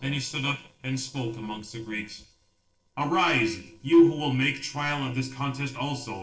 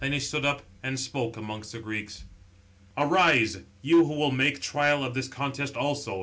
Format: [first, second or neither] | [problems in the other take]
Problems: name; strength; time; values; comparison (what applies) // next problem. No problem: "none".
second | noise reduction (neural separator model SepFormer DNS4)